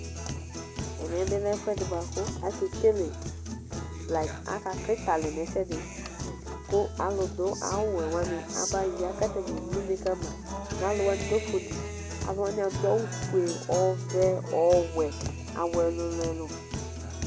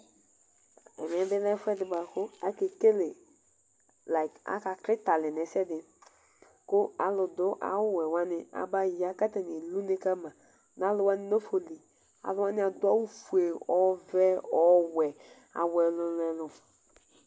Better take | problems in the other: second | background sound (Guitar); 5 dB below the speech

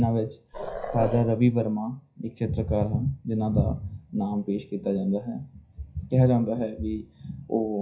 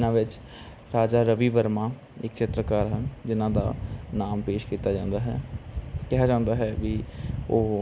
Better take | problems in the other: second | noise reduction (classical method WPE with log-MMSE)

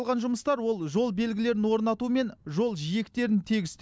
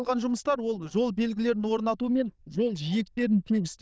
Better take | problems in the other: first | noise reduction (neural diffusion model UNIVERSE++)

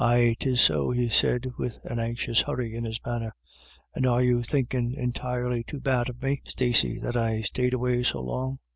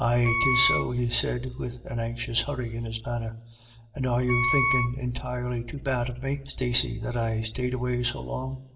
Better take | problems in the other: first | background sound (Wind instrument, woodwind instrument); as loud as the speech // room echo; dies away in 1.4 s

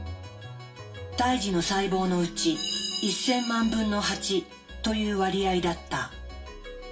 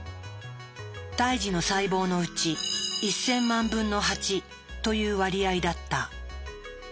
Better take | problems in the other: second | room echo; dies away in 0.2 s

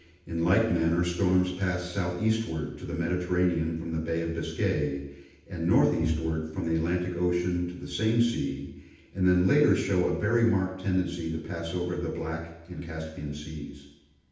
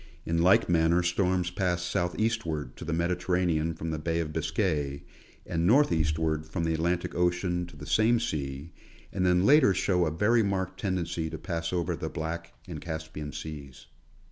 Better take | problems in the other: second | room echo; dies away in 0.9 s

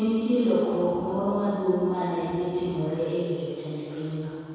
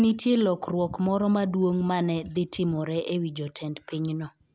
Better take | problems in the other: second | room echo; dies away in 2.2 s

